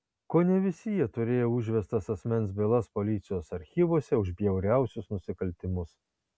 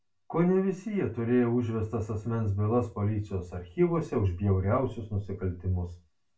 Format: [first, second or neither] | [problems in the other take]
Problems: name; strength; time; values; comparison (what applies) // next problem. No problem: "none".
first | room echo; dies away in 0.3 s